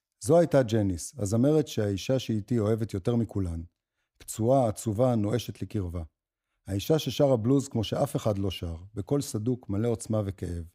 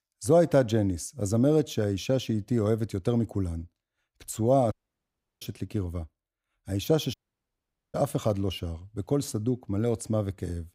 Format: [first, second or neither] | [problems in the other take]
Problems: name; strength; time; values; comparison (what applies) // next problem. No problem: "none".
first | audio cutting out; at 4.5 s for 0.5 s and at 7 s for 1 s